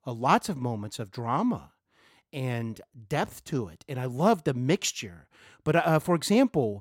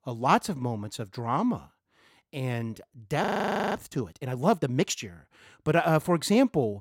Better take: first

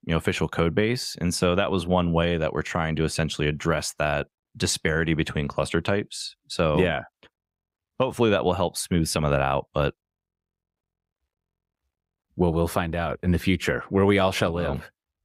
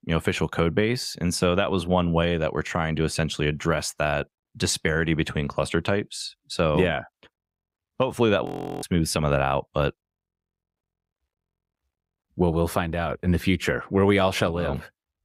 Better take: first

